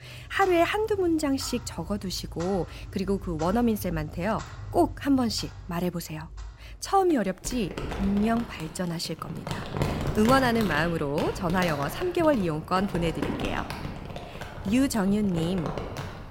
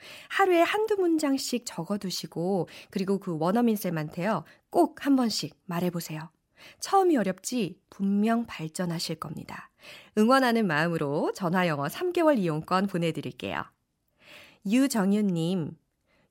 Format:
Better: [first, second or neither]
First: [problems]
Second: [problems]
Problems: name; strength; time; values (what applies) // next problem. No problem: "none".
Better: second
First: household noises; loud; throughout; 9 dB below the speech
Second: none